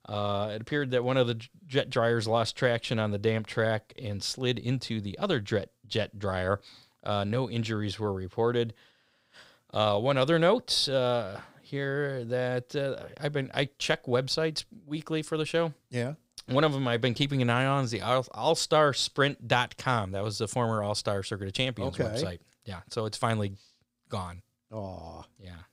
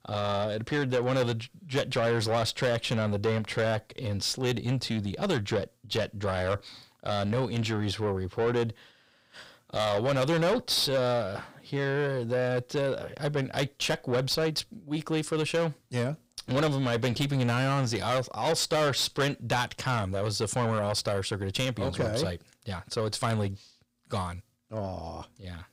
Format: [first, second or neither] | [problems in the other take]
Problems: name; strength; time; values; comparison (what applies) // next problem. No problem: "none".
first | distortion; heavy; 8 dB below the speech